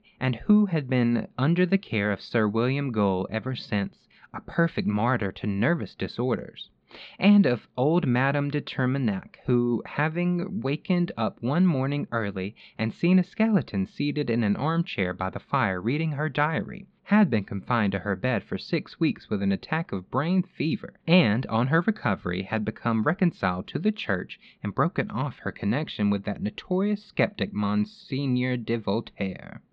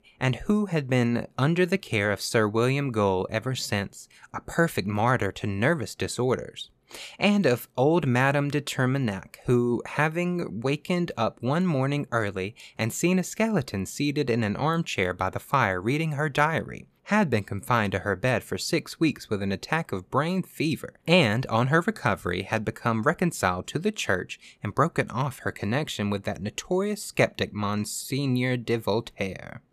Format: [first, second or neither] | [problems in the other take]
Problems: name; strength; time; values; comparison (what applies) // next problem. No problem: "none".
second | muffled; very slightly; fading above 4 kHz